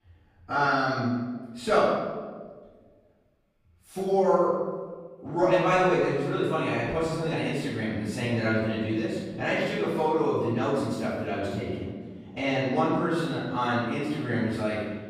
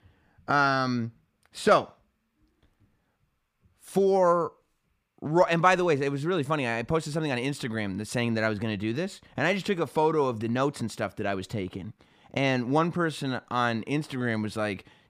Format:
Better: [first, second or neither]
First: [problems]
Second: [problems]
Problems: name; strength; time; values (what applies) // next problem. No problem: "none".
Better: second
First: off-mic speech; far // room echo; strong; dies away in 1.3 s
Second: none